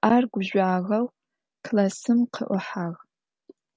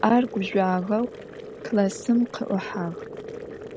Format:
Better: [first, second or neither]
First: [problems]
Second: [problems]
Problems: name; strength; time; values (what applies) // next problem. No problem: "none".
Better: first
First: none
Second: background sound (Boiling); 13 dB below the speech